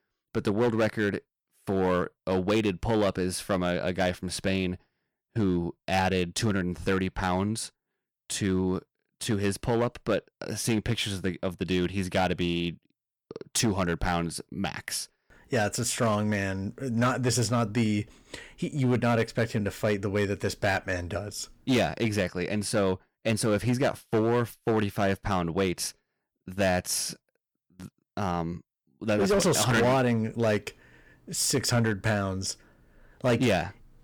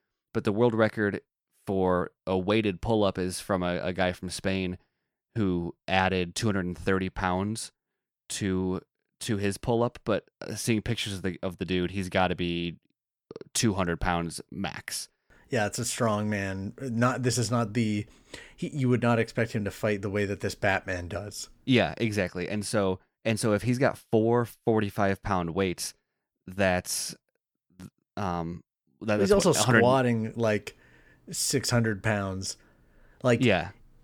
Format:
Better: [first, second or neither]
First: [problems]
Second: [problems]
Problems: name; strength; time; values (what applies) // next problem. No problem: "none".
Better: second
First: distortion; slight; 6% of the sound clipped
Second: none